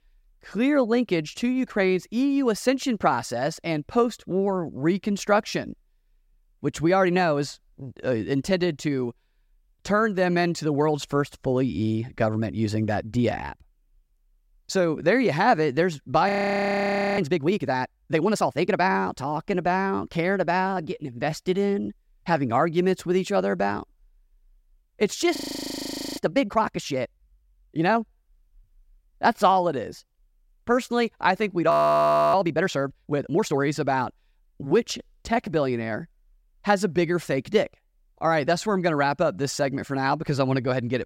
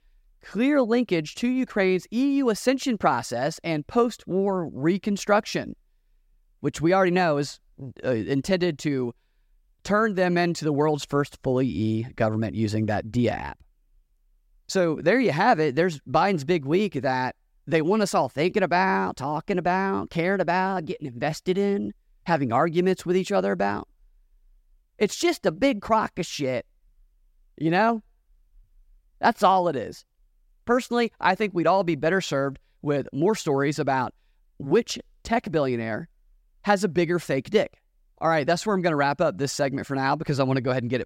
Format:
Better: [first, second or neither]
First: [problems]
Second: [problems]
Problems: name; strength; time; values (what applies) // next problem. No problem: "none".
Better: second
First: audio freezing; at 16 s for 1 s, at 25 s for 1 s and at 32 s for 0.5 s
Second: none